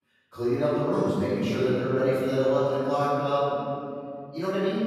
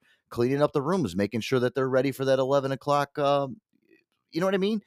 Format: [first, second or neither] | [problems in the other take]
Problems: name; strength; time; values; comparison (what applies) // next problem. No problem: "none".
second | off-mic speech; far // room echo; strong; dies away in 2.8 s